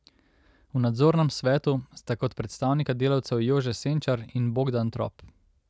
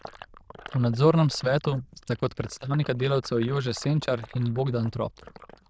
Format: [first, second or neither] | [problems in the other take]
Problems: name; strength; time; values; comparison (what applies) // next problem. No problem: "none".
first | noise reduction (neural diffusion model UNIVERSE++)